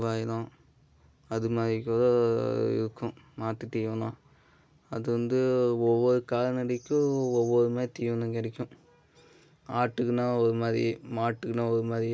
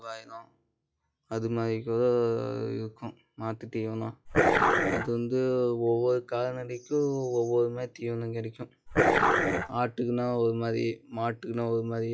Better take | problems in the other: first | noise reduction (classical method log-MMSE)

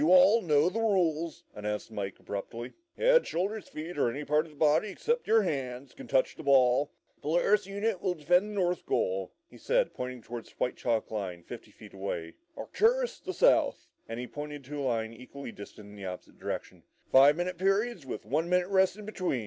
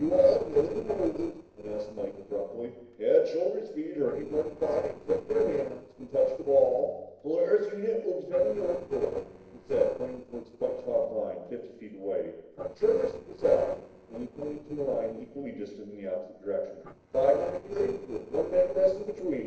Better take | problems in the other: first | noise reduction (neural separator model SepFormer DNS4)

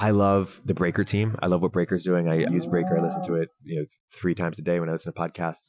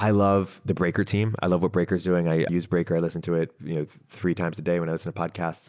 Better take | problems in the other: second | noise reduction (classical method Wiener filter)

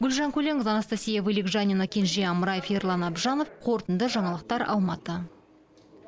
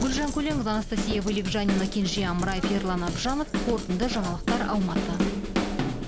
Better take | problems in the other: first | background sound (Drum / Drum kit + Coin (dropping)); 1 dB below the speech

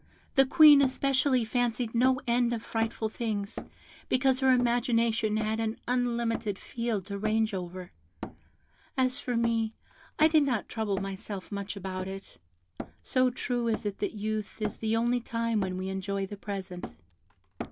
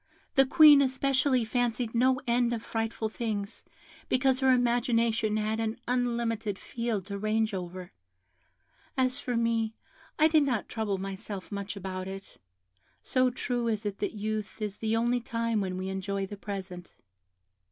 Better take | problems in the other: second | background sound (Hammer); 15 dB below the speech

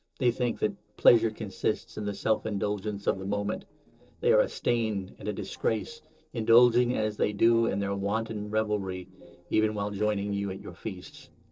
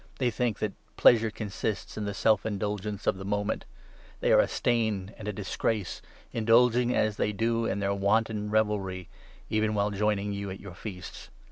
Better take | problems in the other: second | noise reduction (neural separator model SepFormer DNS4)

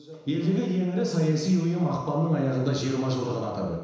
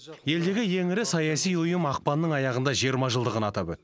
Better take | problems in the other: second | room echo; dies away in 1 s

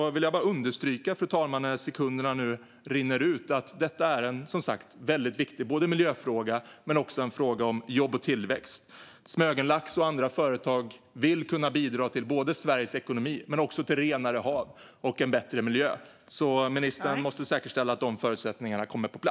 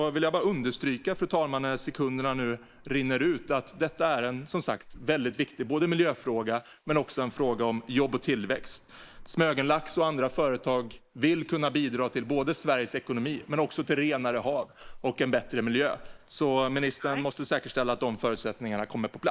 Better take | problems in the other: first | noise reduction (neural mask model Resemble Enhance denoiser)

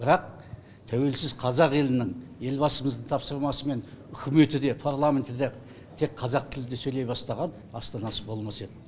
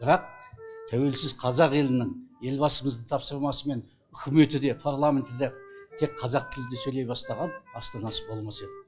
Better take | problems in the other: first | noise reduction (classical method log-MMSE)

